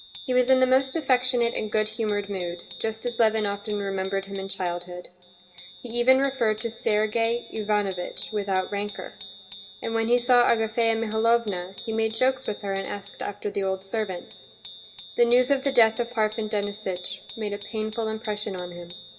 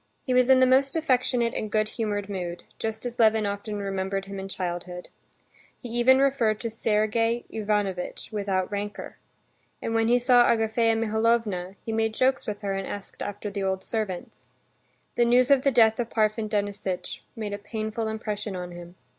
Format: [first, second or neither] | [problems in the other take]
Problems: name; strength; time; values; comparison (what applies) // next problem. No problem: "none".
second | background sound (Bicycle bell); 18 dB below the speech // room echo; dies away in 0.3 s